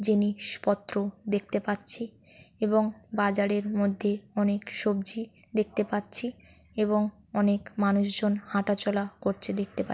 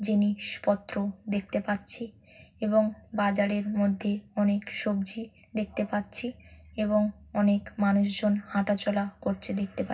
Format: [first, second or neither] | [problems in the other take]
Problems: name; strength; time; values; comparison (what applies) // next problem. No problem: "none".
first | room echo; dies away in 0.4 s